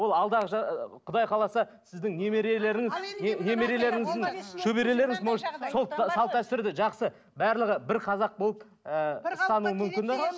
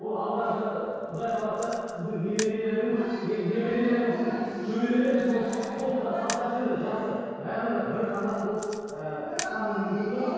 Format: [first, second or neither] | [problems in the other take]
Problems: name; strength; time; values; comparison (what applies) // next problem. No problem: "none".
first | background sound (Camera); 17 dB below the speech // room echo; dies away in 2 s